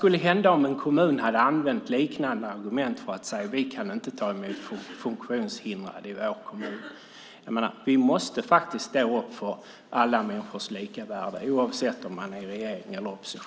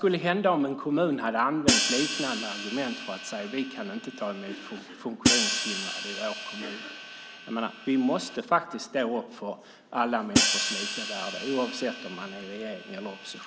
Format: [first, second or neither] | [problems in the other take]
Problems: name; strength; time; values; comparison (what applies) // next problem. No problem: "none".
first | background sound (Hi-hat); as loud as the speech